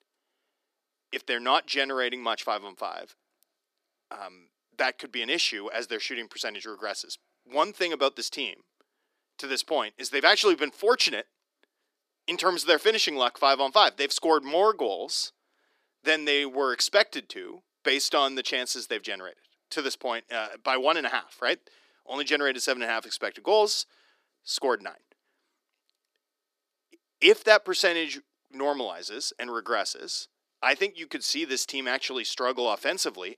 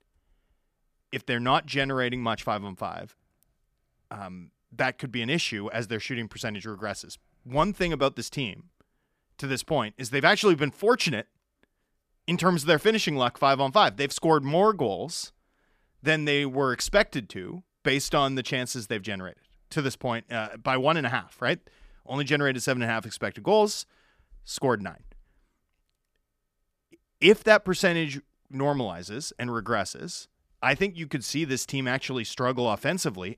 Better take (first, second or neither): second